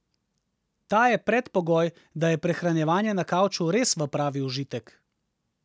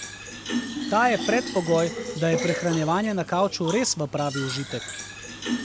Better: first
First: none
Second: background sound (Fill (with liquid)); 7 dB below the speech

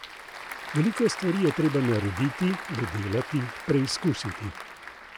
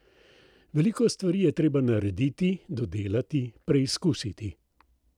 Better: second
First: background sound (Applause / Crowd); 10 dB below the speech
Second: none

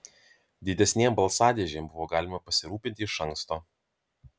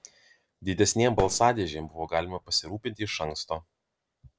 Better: first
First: none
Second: noise reduction (neural separator model SepFormer DNS4)

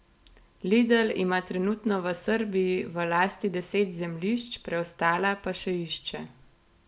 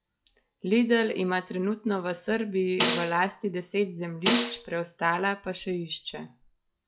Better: first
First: none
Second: noise reduction (classical method log-MMSE)

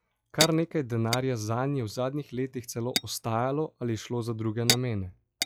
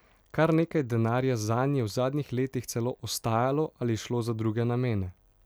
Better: second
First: noise reduction (classical method log-MMSE)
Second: none

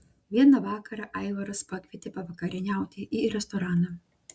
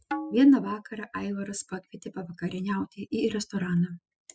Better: first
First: none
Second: noise reduction (classical method spectral subtraction)

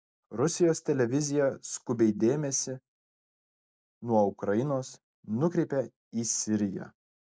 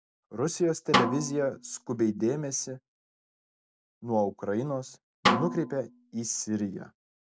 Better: first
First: none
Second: background sound (Snare drum); as loud as the speech

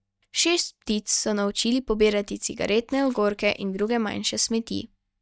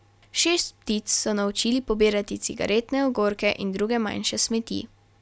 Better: second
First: noise reduction (neural mask model DeepFilterNet 3)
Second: none

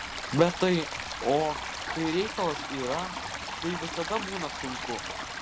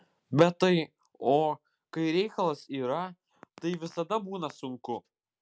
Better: second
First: background sound (Stream); 5 dB below the speech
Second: none

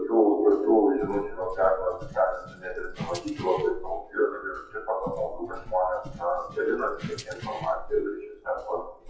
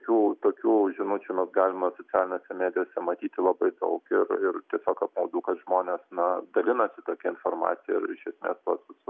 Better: second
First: noise reduction (classical method WPE with log-MMSE)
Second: none

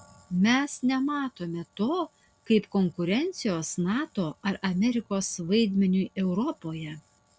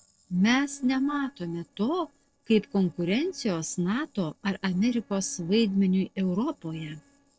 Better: first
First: none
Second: noise reduction (neural separator model SepFormer DNS4)

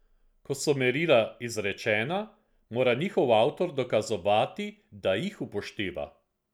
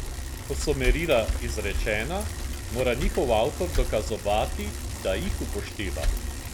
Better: first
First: none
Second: background sound (Bicycle); 1 dB below the speech

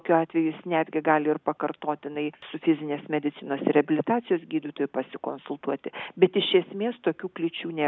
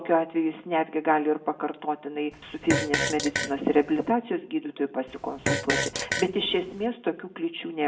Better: first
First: none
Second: background sound (Fart); 3 dB below the speech // room echo; dies away in 0.4 s

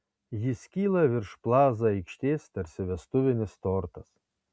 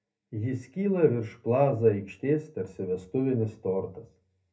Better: first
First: none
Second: room echo; dies away in 0.3 s

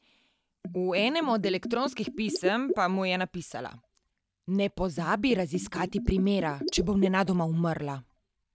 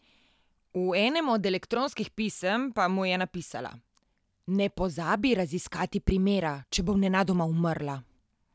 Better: second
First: noise reduction (neural mask model DeepFilterNet 3)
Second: none

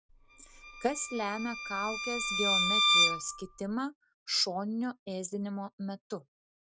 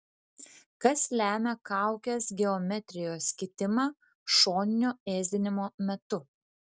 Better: second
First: background sound (Bowed string instrument); 5 dB above the speech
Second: none

